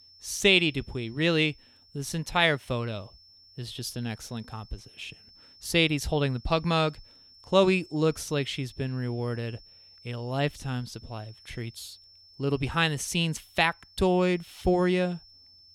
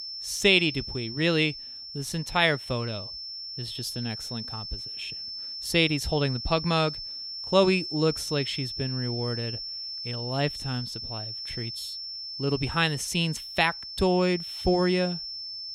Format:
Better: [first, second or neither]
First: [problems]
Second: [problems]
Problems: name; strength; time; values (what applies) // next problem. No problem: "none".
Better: first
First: high-pitched whine; faint; throughout; 5.5 kHz, 25 dB below the speech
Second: high-pitched whine; loud; throughout; 5.5 kHz, 8 dB below the speech